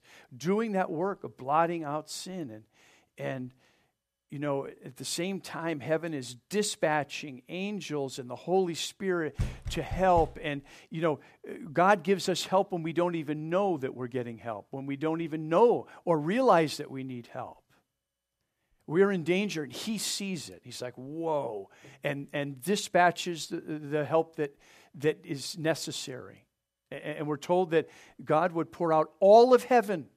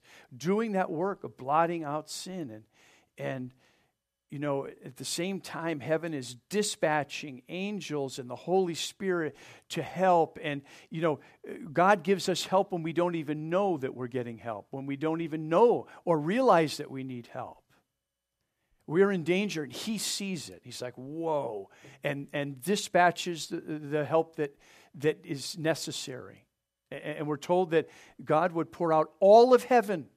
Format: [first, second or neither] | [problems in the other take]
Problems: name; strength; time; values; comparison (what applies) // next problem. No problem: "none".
second | door banging; noticeable; at 9.5 s; peak 7 dB below the speech